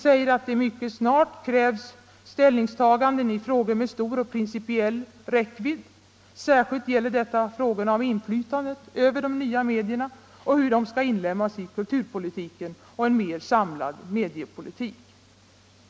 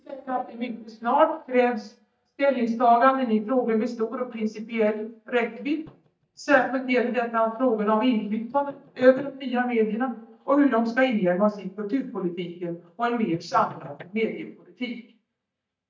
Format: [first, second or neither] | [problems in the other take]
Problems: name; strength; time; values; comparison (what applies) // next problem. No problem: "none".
first | noise reduction (neural mask model DeepFilterNet 3)